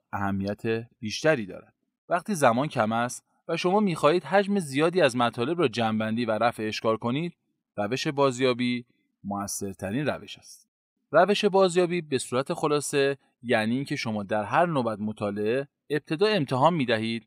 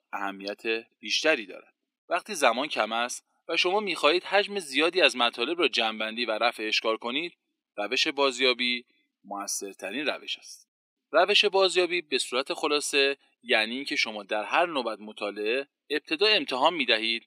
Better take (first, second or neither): first